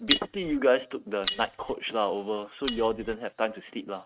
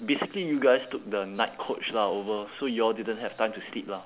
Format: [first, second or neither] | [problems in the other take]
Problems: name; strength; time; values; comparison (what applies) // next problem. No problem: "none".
second | noise reduction (neural mask model RNNoise)